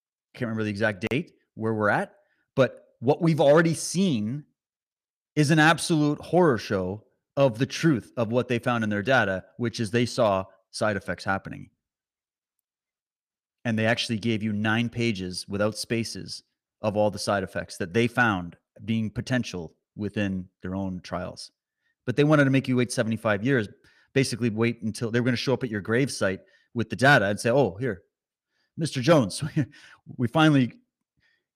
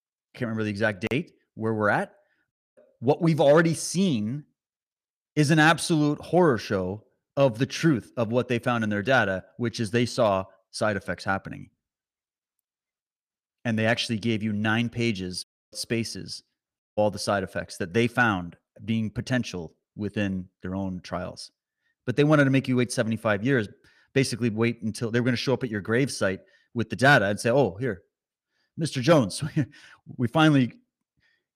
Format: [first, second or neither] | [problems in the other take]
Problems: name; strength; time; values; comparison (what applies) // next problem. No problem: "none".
first | audio cutting out; at 2.5 s, at 15 s and at 17 s